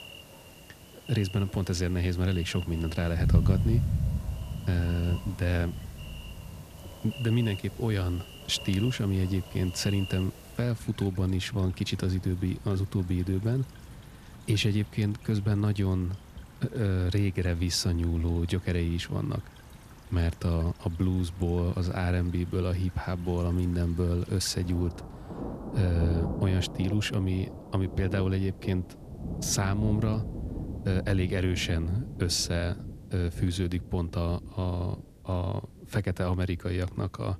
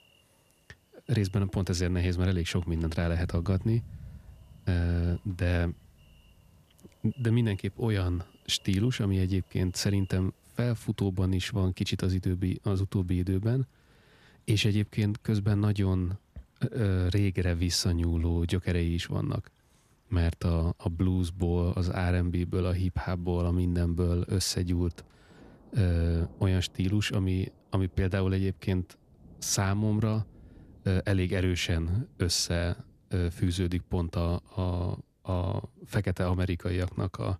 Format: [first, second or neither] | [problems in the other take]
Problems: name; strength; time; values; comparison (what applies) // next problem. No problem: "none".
second | rain or running water; loud; throughout; 8 dB below the speech; faint in the second